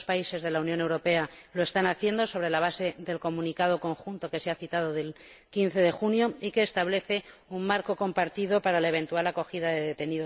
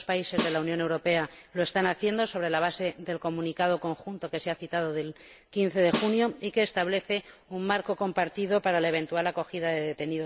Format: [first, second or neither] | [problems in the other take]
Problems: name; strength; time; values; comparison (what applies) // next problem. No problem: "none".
first | background sound (Snare drum); 8 dB below the speech